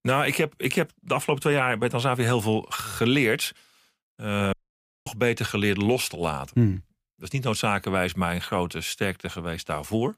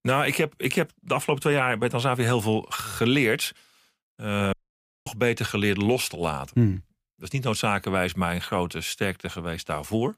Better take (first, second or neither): neither